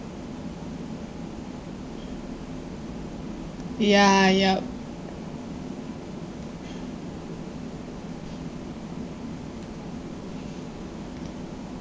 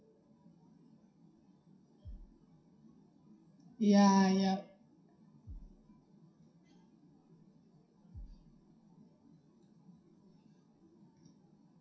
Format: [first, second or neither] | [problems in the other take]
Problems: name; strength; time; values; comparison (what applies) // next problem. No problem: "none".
first | noise reduction (classical method WPE with log-MMSE)